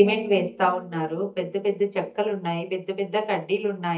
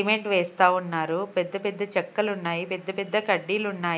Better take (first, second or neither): second